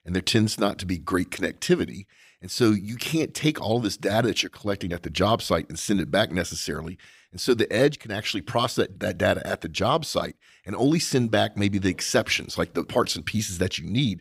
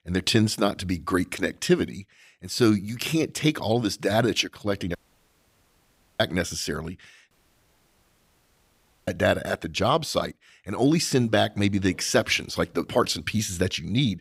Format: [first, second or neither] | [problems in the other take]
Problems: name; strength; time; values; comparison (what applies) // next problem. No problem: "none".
first | audio cutting out; at 5 s for 1.5 s and at 7.5 s for 2 s